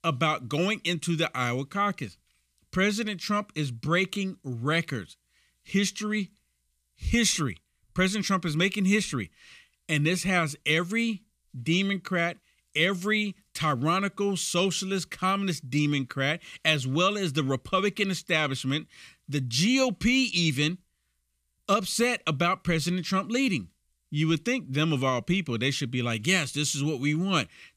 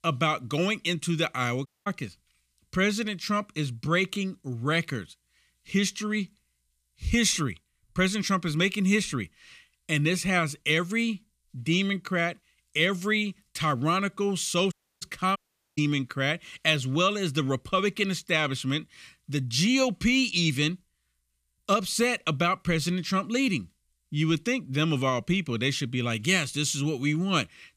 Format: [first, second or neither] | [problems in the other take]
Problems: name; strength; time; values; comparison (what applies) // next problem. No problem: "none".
first | audio cutting out; at 1.5 s and at 15 s